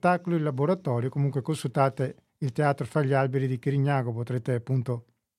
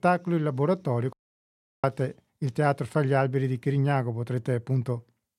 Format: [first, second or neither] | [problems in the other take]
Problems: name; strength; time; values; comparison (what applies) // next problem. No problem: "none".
first | audio cutting out; at 1 s for 0.5 s